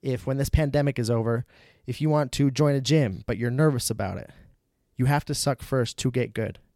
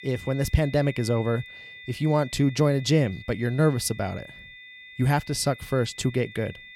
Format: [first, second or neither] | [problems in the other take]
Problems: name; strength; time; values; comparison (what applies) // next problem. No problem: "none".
first | high-pitched whine; noticeable; throughout; 2 kHz, 15 dB below the speech